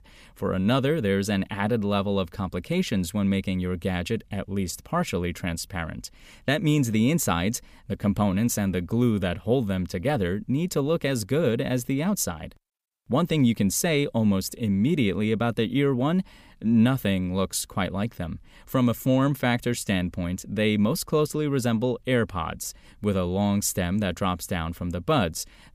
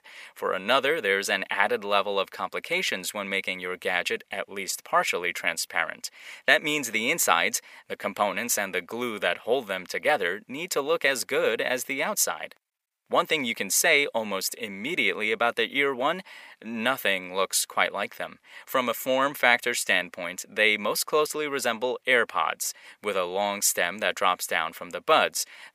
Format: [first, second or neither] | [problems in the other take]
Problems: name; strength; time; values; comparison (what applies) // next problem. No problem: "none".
first | thin; very; fading below 650 Hz